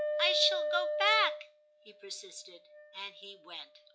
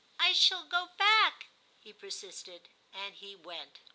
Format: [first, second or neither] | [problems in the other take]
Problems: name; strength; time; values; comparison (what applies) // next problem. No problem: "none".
second | noise reduction (classical method log-MMSE)